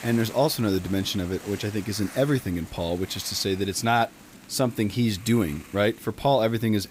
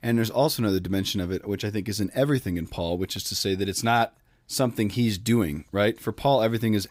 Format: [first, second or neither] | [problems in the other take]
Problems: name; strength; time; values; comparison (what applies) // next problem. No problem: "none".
second | hiss; noticeable; throughout; 20 dB below the speech